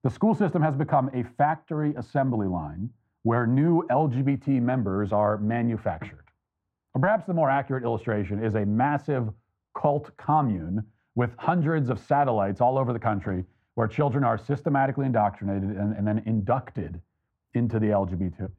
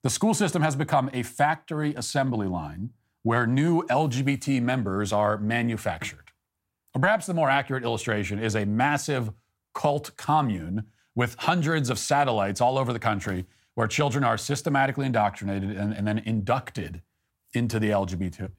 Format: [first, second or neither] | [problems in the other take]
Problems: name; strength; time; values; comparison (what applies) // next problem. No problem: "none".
second | muffled; very; fading above 3 kHz